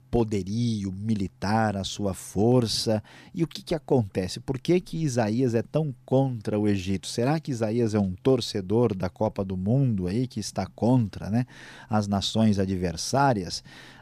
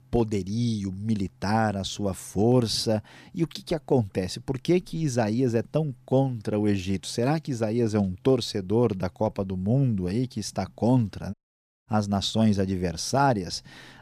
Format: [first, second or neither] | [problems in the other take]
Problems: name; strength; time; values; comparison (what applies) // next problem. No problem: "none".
first | audio cutting out; at 11 s for 0.5 s